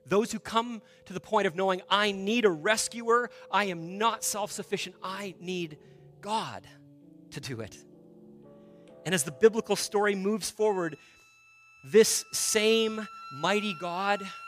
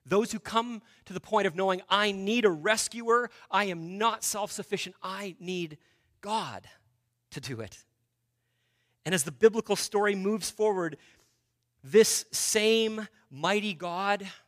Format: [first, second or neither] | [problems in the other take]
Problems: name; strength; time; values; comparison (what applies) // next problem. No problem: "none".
second | background music; faint; throughout; 25 dB below the speech